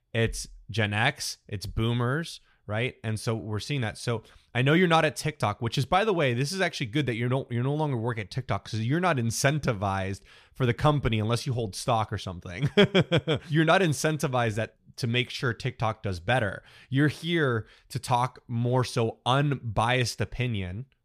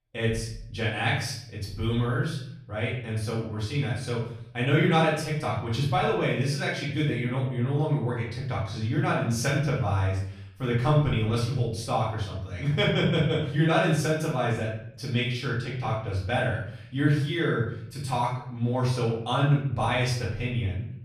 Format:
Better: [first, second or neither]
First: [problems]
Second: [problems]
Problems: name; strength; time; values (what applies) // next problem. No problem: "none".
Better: first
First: none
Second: room echo; noticeable; dies away in 0.6 s // off-mic speech; far